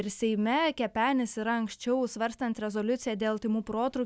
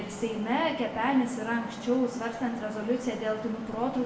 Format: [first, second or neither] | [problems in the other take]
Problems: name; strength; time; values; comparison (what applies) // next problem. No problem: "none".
first | background sound (Traffic noise, roadway noise); 12 dB below the speech // room echo; dies away in 0.8 s